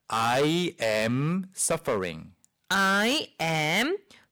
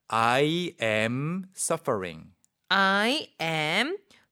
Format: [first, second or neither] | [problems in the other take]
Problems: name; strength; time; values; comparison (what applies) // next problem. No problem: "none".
second | distortion; heavy; 10% of the sound clipped